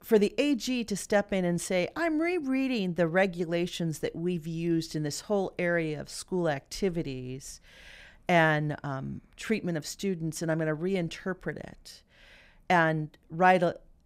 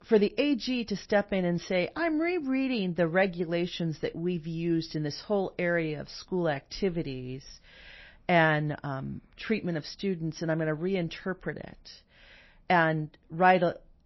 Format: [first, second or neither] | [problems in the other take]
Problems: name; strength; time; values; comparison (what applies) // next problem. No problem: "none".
first | garbled, watery; slightly; nothing above 5.5 kHz